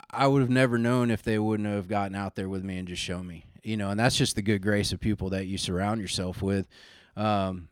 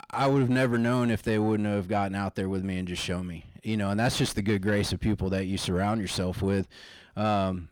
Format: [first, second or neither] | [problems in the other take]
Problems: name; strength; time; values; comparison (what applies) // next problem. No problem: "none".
first | distortion; slight; 10 dB below the speech